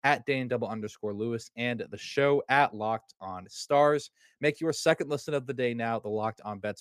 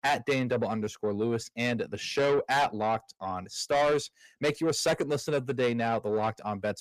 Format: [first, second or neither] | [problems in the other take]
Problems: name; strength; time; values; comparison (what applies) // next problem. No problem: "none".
first | distortion; heavy; 7 dB below the speech